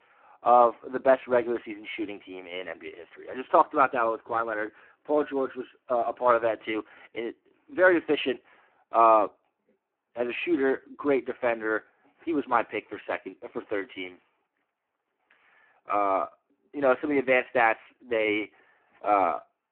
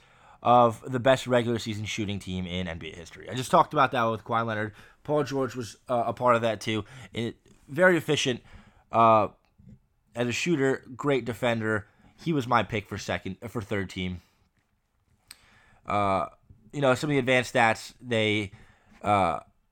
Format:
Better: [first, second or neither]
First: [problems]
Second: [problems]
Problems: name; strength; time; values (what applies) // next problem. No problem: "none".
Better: second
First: phone-call audio; poor line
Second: none